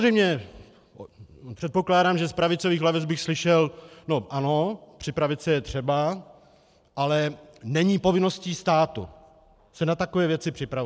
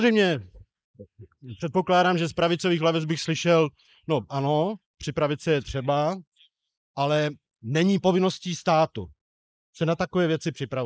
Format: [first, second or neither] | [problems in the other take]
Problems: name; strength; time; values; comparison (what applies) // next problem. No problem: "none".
first | noise reduction (neural mask model Resemble Enhance denoiser)